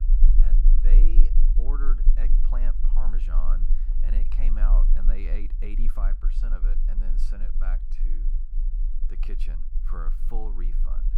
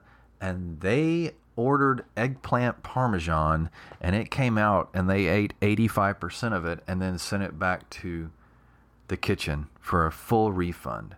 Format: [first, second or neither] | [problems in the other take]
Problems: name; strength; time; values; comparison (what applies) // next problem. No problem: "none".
second | low rumble; loud; throughout; 8 dB below the speech